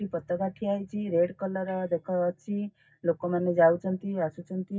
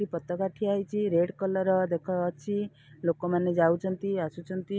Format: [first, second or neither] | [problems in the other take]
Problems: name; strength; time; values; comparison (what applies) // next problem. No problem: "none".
second | noise reduction (neural mask model DeepFilterNet 3)